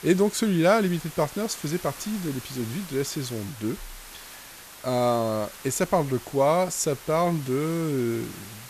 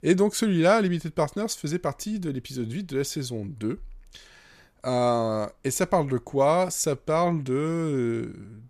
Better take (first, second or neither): second